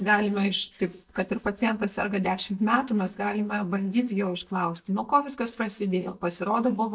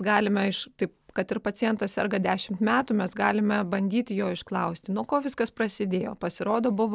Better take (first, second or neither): second